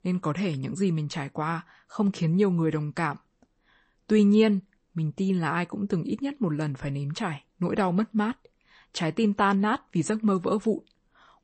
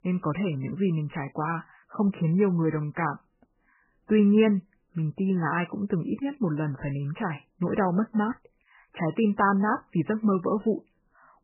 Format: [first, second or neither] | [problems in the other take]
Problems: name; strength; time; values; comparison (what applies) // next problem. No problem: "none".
first | garbled, watery; badly; nothing above 3 kHz; slightly in the first